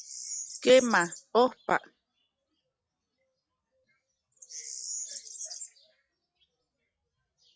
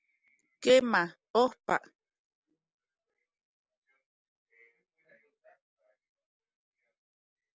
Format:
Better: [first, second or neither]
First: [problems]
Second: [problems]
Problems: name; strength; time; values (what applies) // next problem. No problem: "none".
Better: second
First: noise reduction (classical method log-MMSE)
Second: none